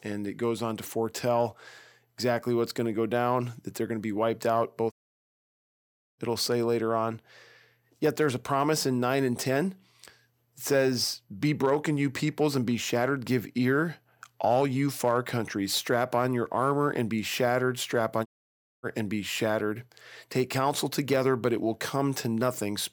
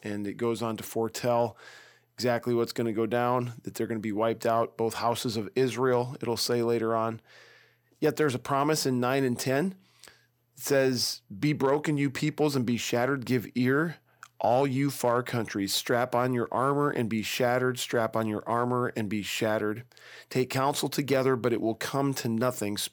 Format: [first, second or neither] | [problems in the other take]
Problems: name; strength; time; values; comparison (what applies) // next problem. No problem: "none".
second | audio cutting out; at 5 s for 1.5 s and at 18 s for 0.5 s